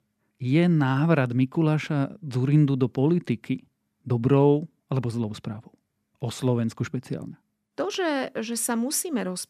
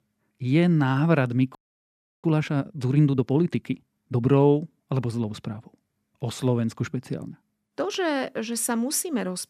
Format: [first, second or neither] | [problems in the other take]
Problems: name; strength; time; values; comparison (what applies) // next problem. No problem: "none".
first | audio freezing; at 1.5 s for 0.5 s